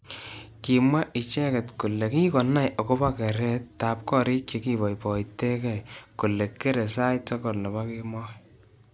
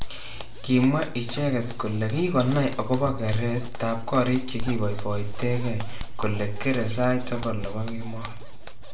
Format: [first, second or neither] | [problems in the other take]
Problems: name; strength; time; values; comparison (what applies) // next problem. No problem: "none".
first | background sound (Zipper (clothing)); 2 dB below the speech // room echo; dies away in 0.5 s